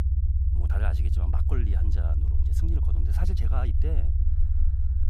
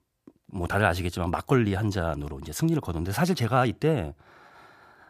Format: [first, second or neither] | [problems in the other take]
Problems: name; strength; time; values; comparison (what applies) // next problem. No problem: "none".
second | low rumble; loud; throughout; 2 dB below the speech